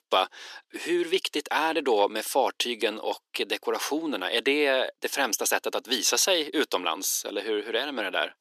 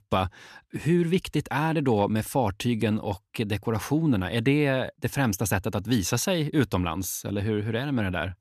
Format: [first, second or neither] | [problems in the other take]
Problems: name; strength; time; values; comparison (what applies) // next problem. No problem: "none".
second | thin; very; fading below 350 Hz